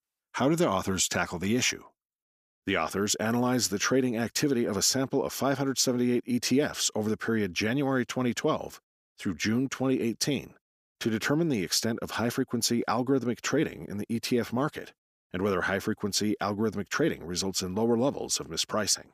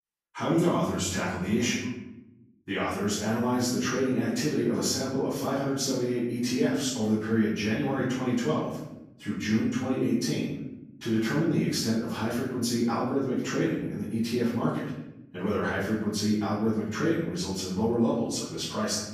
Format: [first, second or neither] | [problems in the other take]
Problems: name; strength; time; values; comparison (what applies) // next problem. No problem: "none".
first | off-mic speech; far // room echo; noticeable; dies away in 1 s